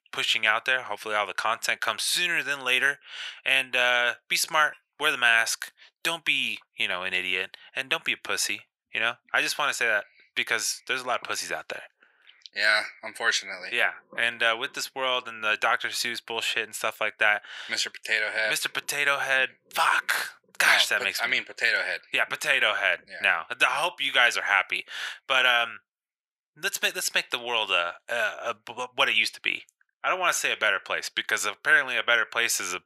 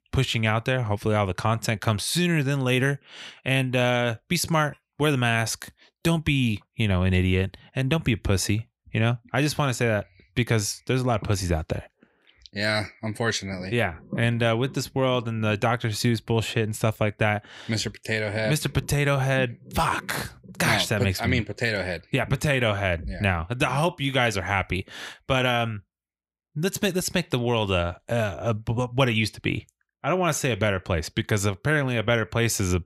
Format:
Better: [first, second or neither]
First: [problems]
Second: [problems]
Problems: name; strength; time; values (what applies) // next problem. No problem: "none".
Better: second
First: thin; very; fading below 750 Hz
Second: none